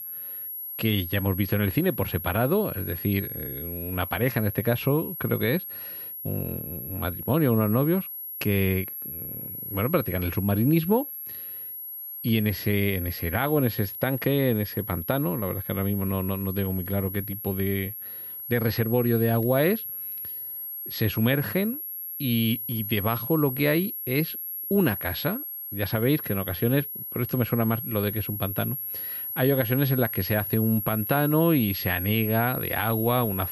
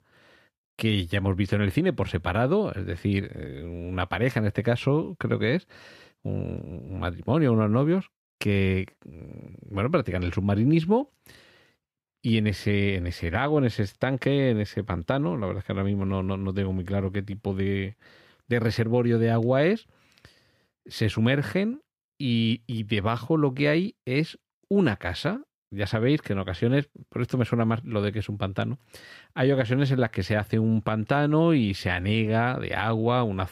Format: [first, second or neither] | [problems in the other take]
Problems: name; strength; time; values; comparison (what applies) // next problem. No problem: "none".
second | high-pitched whine; loud; throughout; 11.5 kHz, 6 dB below the speech